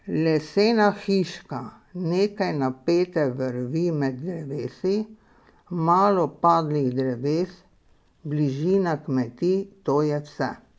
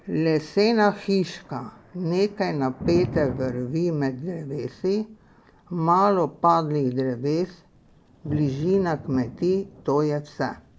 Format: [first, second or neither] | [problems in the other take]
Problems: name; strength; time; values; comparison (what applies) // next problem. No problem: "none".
first | background sound (Thunder); 15 dB below the speech